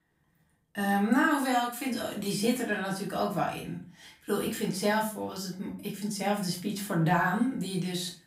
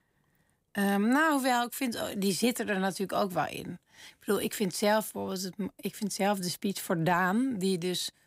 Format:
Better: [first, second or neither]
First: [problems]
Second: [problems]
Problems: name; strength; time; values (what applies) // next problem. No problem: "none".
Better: second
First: off-mic speech; far // room echo; slight; dies away in 0.4 s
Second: none